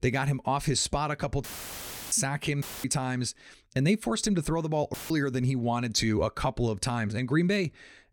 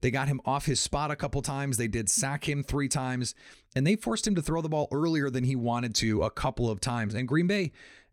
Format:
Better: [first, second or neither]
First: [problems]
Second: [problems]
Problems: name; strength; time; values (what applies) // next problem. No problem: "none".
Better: second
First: audio cutting out; filled with static; at 1.5 s for 0.5 s, at 2.5 s and at 5 s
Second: none